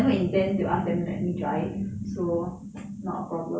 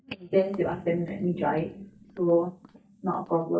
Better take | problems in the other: first | noise reduction (neural mask model DeepFilterNet 3)

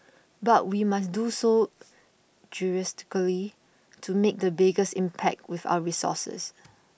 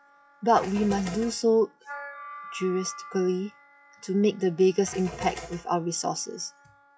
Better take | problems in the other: first | noise reduction (classical method log-MMSE)

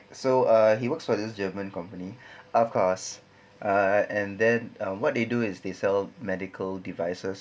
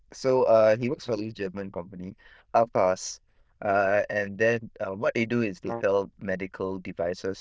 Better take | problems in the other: first | noise reduction (neural diffusion model UNIVERSE++)

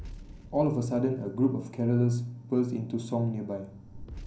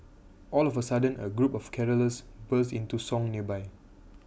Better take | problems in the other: second | background sound (Fire); 18 dB below the speech // room echo; dies away in 0.6 s

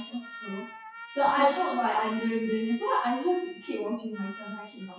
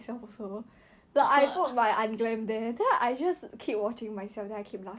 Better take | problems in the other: second | noise reduction (classical method WPE with log-MMSE)

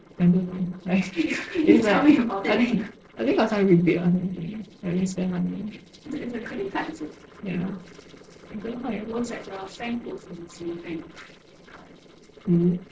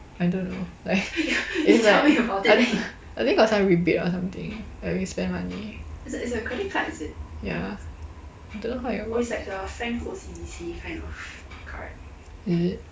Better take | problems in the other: second | noise reduction (neural separator model SepFormer DNS4)

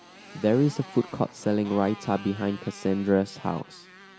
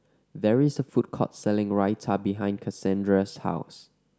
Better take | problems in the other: second | background sound (Motorcycle); 19 dB below the speech

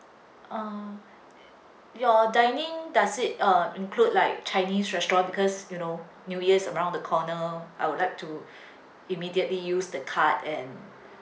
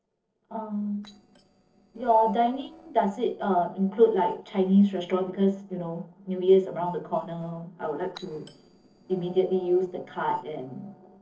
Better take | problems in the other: first | noise reduction (neural separator model SepFormer DNS4)

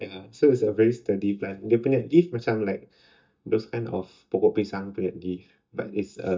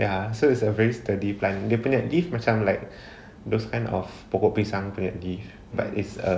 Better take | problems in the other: second | noise reduction (neural mask model DeepFilterNet 3)

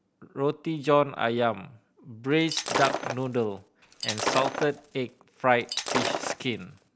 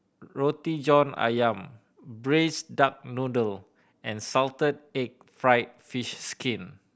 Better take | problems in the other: second | background sound (Shatter); 4 dB below the speech

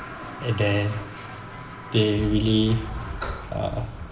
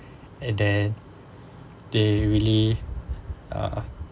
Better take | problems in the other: second | background sound (Toilet flush); 14 dB below the speech // room echo; dies away in 1.6 s

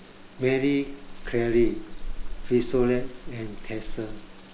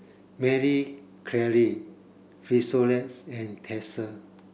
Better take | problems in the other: second | background sound (Rain); 5 dB below the speech

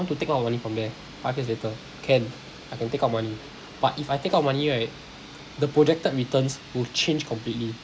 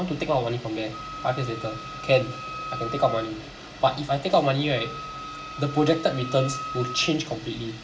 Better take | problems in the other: first | background sound (Wind instrument, woodwind instrument); 11 dB below the speech // room echo; dies away in 1.3 s

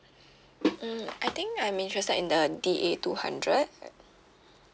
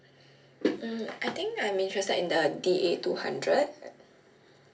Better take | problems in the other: first | room echo; dies away in 0.3 s

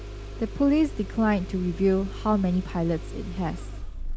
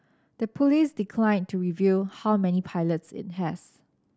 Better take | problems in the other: second | background sound (Engine starting); 8 dB below the speech

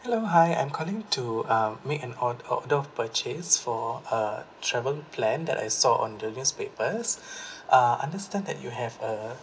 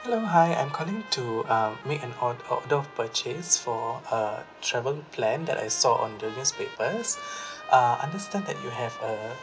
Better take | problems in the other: first | background sound (Trumpet); 16 dB below the speech

